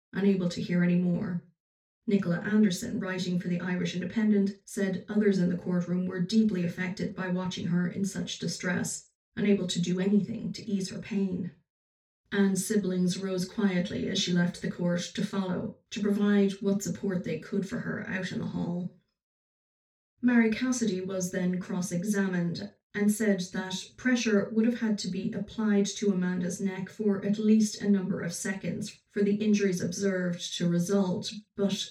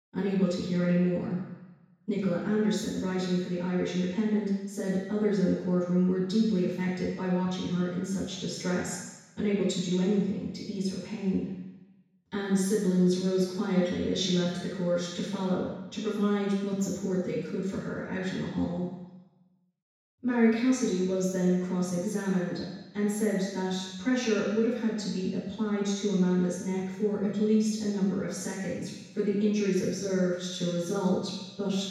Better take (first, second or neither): first